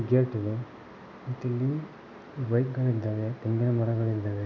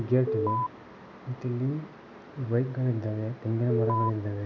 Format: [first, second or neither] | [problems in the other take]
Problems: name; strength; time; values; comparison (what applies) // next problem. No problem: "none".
first | background sound (Alarm); 1 dB above the speech